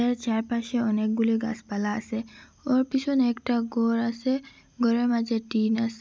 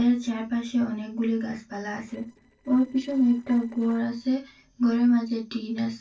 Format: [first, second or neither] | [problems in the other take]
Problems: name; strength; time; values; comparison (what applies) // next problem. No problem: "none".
first | noise reduction (neural separator model SepFormer DNS4)